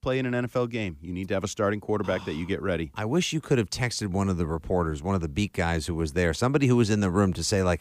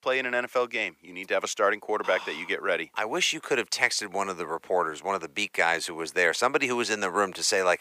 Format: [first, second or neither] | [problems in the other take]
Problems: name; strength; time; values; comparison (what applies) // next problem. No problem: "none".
first | thin; very; fading below 650 Hz